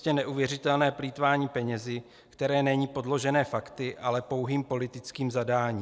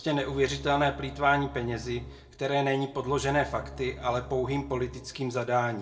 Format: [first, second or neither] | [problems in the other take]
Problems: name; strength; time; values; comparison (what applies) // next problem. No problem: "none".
first | background sound (Bowed string instrument); 15 dB below the speech // room echo; dies away in 0.3 s